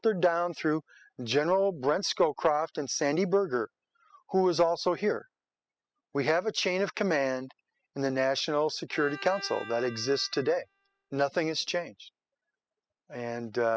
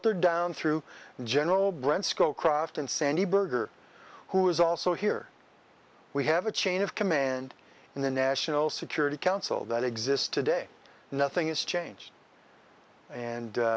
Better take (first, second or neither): second